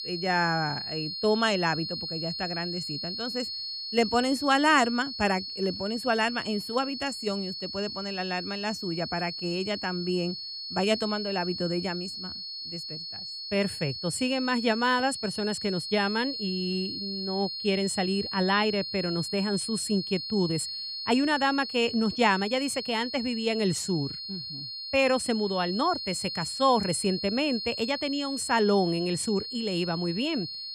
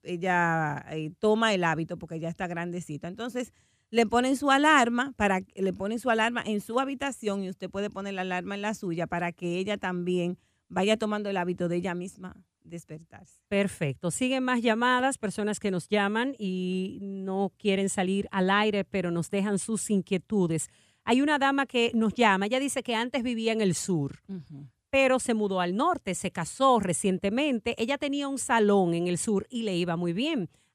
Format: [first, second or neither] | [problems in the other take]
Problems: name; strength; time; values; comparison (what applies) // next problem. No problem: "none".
second | high-pitched whine; loud; throughout; 4.5 kHz, 6 dB below the speech